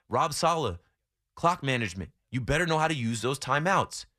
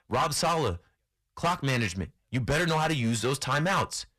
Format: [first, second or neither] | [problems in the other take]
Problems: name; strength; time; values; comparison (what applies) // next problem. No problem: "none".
first | distortion; heavy; 12% of the sound clipped